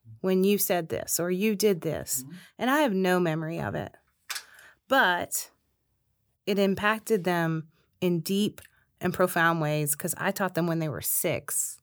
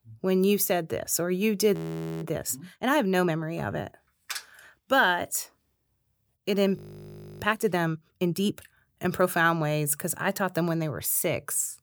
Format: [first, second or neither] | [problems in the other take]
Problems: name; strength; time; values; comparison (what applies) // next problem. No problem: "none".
first | audio freezing; at 1.5 s and at 7 s for 0.5 s